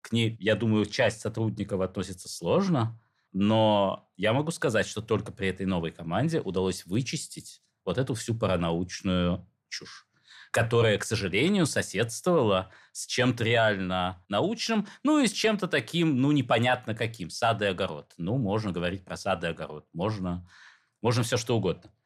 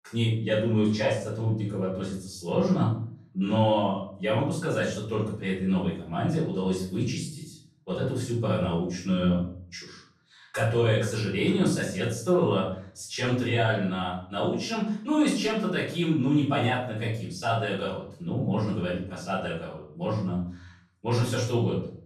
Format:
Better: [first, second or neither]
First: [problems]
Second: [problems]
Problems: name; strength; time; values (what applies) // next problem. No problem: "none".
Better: first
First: none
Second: off-mic speech; far // room echo; noticeable; dies away in 0.5 s